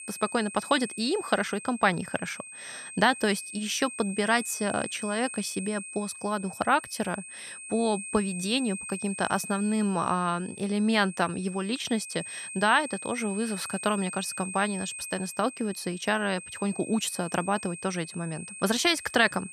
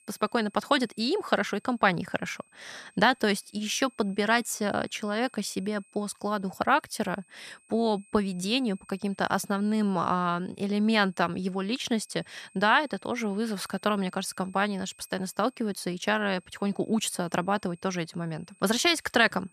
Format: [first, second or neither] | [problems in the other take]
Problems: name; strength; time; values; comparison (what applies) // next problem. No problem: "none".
second | high-pitched whine; loud; throughout; 8.5 kHz, 10 dB below the speech; faint in the second